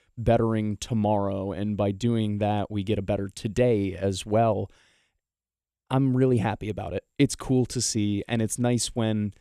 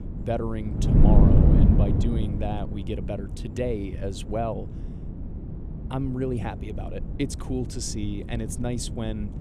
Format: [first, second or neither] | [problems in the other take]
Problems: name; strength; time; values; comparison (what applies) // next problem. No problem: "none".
first | wind noise on the microphone; heavy; 3 dB below the speech